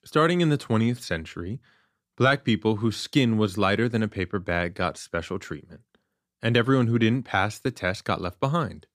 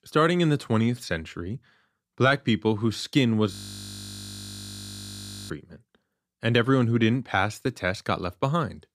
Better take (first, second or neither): first